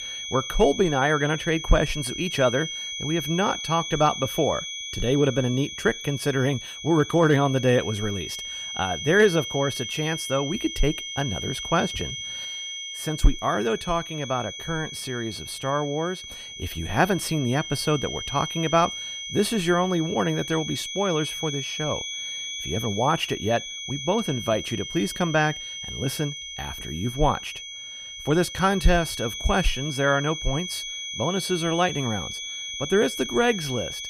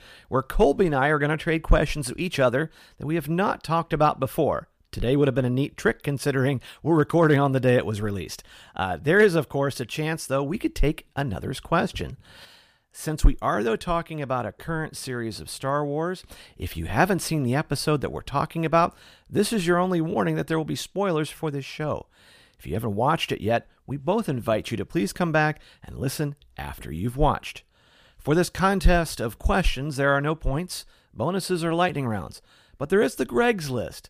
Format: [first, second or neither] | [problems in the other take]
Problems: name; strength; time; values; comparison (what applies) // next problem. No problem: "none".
second | high-pitched whine; loud; throughout; 3.5 kHz, 7 dB below the speech